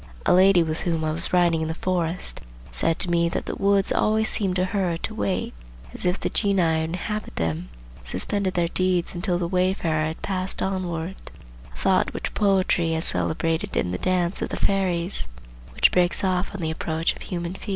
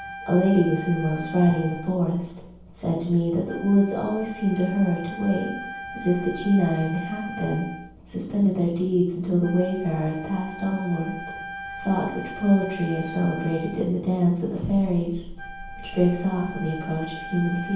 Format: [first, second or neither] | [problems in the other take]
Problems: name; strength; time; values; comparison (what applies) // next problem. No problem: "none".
first | background sound (Wind instrument, woodwind instrument); 14 dB below the speech // room echo; dies away in 0.9 s